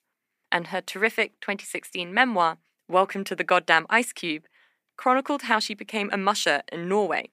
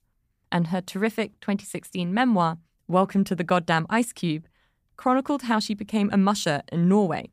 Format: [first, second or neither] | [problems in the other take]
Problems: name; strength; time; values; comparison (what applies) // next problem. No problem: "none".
second | thin; somewhat; fading below 300 Hz